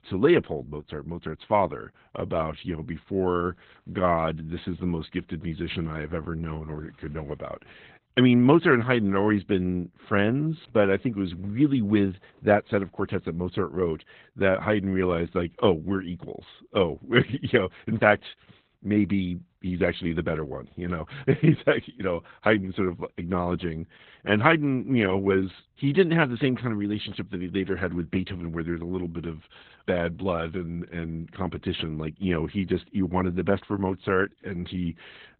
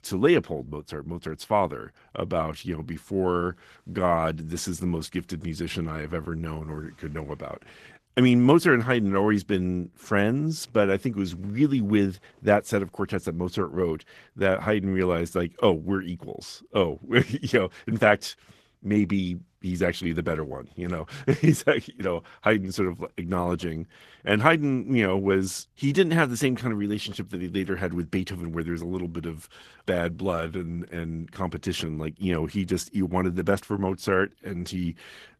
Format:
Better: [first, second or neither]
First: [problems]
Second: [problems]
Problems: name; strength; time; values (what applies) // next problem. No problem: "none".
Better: second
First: garbled, watery; badly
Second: garbled, watery; slightly; nothing above 13.5 kHz